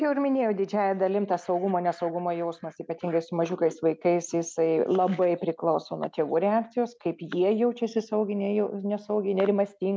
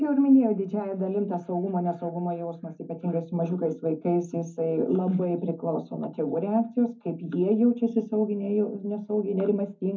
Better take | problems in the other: first | room echo; dies away in 0.3 s

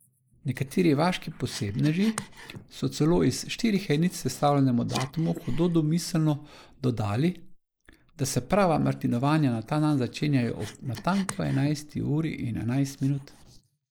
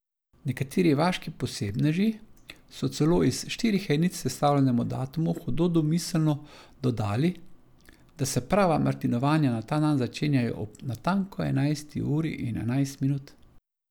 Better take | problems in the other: second | noise reduction (neural mask model Resemble Enhance denoiser)

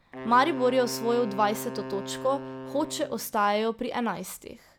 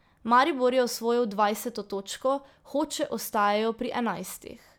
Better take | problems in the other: second | background sound (Wind instrument, woodwind instrument); 11 dB below the speech

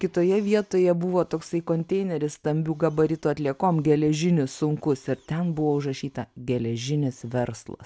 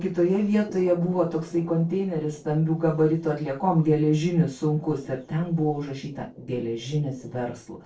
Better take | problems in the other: first | noise reduction (neural separator model SepFormer DNS4)

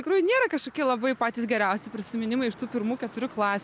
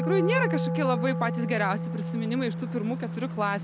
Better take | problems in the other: first | background sound (Wind instrument, woodwind instrument); 1 dB below the speech

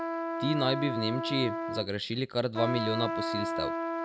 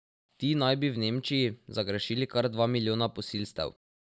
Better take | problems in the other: second | background sound (Trumpet); 2 dB below the speech

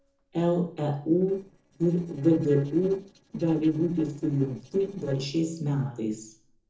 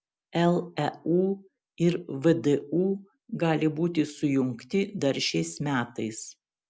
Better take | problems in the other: second | noise reduction (neural separator model SepFormer DNS4)

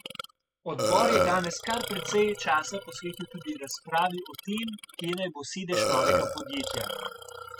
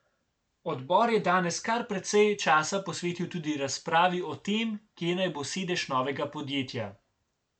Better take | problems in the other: second | noise reduction (classical method spectral subtraction)

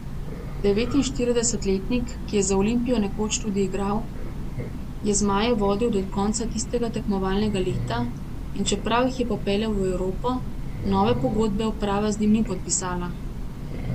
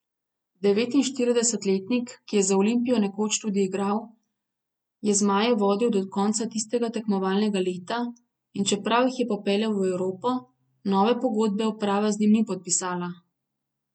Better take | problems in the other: second | background sound (Train); 5 dB below the speech

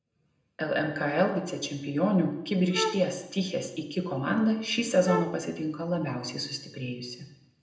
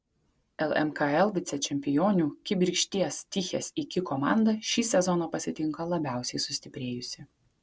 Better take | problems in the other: second | background sound (Wind instrument, woodwind instrument); 5 dB below the speech // room echo; dies away in 0.8 s

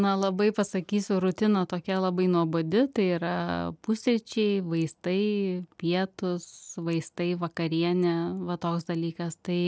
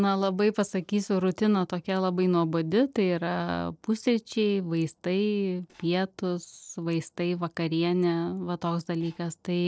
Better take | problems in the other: first | noise reduction (neural separator model SepFormer DNS4)

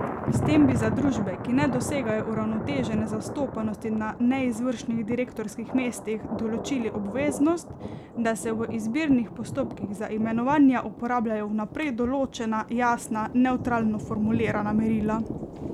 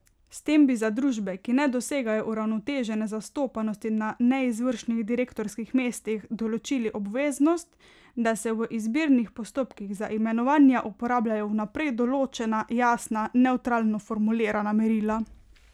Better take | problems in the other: second | background sound (Thunder); 7 dB below the speech

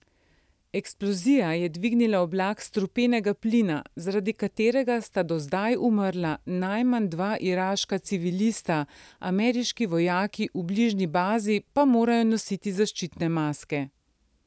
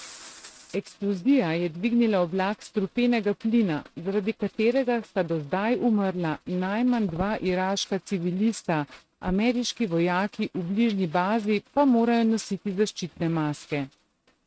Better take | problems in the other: first | noise reduction (neural mask model RNNoise)

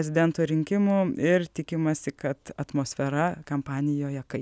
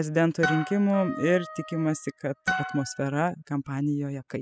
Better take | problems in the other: first | noise reduction (classical method spectral subtraction)

